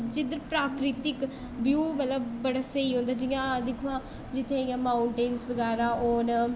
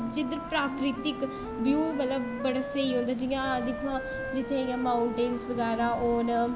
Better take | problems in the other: first | background sound (Wind instrument, woodwind instrument); 10 dB below the speech

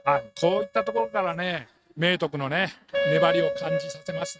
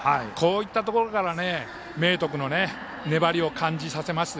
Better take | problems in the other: second | noise reduction (neural mask model RNNoise)

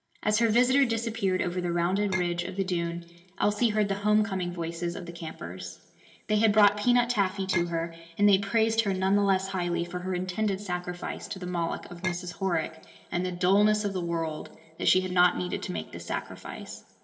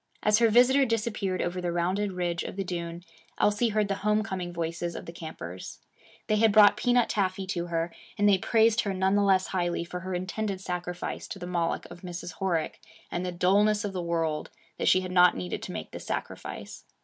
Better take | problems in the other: second | background sound (Chink, clink); 10 dB below the speech // room echo; dies away in 1.6 s

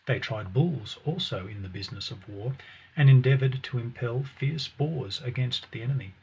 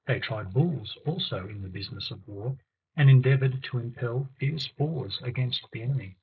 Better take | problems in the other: first | noise reduction (neural mask model Resemble Enhance denoiser)

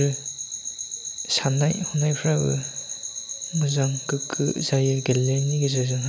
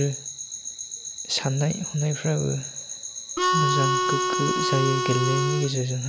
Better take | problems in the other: first | background sound (Harmonica); 2 dB above the speech

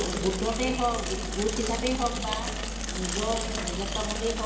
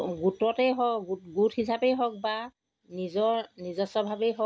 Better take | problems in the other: second | background sound (Mechanisms / Bicycle); 1 dB below the speech // room echo; dies away in 1.3 s

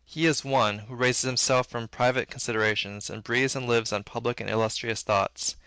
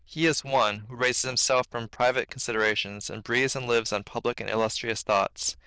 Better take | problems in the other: first | noise reduction (neural diffusion model UNIVERSE++)

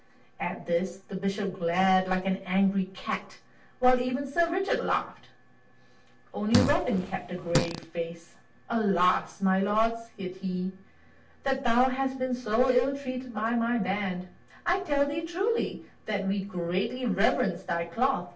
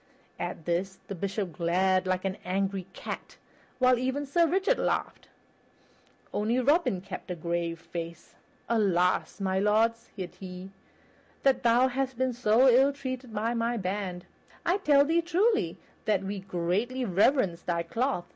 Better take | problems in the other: second | background sound (Fart); 3 dB below the speech // room echo; dies away in 0.3 s

